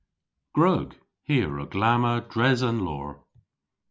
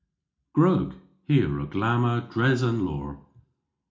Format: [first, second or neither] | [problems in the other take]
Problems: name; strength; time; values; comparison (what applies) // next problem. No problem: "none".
first | room echo; dies away in 0.4 s